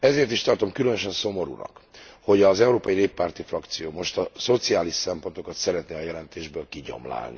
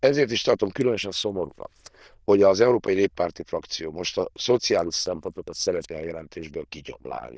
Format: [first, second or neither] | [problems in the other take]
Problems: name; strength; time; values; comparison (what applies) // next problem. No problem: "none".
first | noise reduction (neural diffusion model UNIVERSE++)